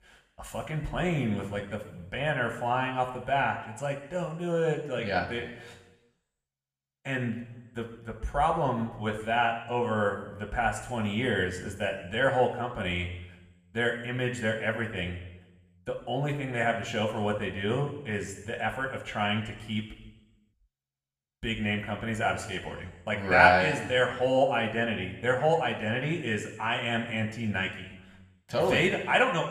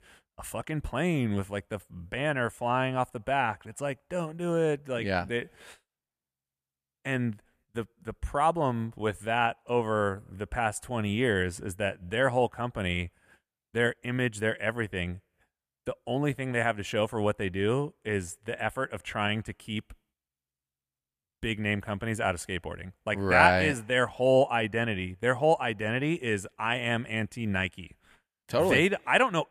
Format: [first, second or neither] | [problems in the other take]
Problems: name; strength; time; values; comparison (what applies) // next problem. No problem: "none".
second | room echo; slight; dies away in 1 s // off-mic speech; somewhat distant